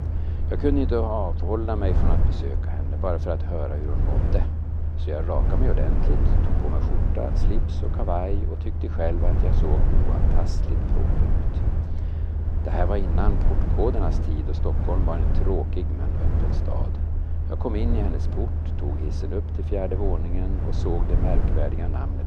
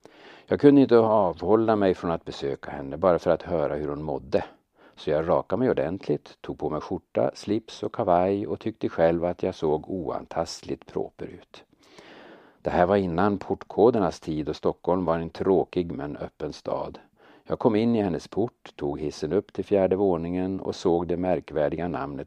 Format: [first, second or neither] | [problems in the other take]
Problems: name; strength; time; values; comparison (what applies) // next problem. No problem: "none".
second | low rumble; loud; throughout; 6 dB below the speech